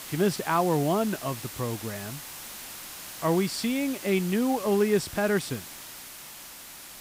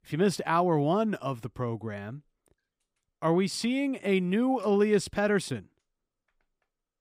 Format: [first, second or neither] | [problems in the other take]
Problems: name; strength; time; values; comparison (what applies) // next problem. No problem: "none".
second | hiss; noticeable; throughout; 10 dB below the speech